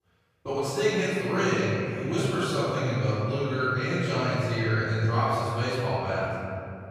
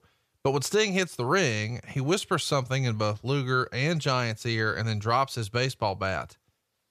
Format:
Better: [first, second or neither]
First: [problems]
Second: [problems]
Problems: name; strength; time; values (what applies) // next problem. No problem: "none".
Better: second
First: room echo; strong; dies away in 2.6 s // off-mic speech; far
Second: none